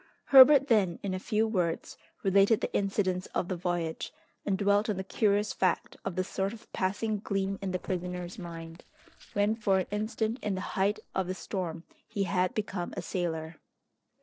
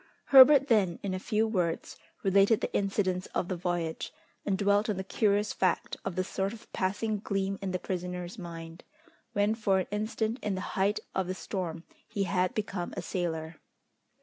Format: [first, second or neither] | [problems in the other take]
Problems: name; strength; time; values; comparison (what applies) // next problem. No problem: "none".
second | noise reduction (neural separator model SepFormer DNS4)